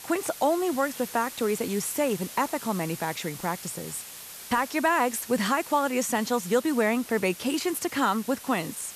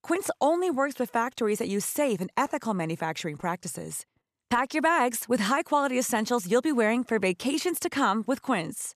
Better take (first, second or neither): second